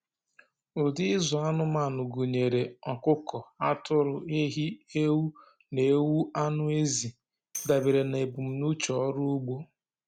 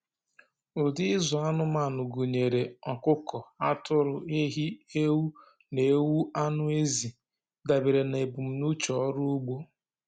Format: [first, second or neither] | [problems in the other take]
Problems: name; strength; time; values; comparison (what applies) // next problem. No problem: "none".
second | background sound (Tambourine); 17 dB below the speech